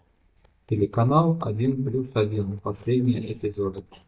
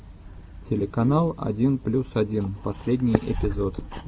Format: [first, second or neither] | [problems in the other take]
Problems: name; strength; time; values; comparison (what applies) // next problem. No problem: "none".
second | noise reduction (neural mask model DeepFilterNet 3)